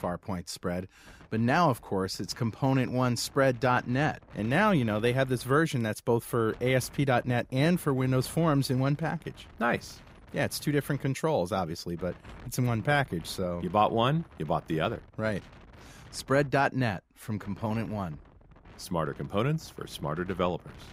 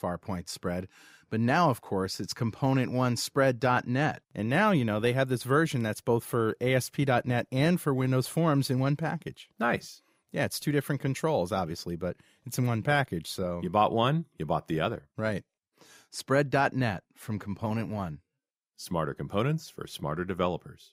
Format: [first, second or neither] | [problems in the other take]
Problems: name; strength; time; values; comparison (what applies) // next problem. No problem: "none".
second | wind noise on the microphone; occasional gusts; 25 dB below the speech